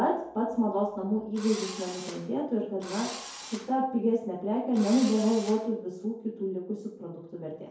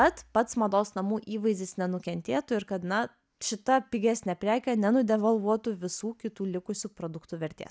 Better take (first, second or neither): second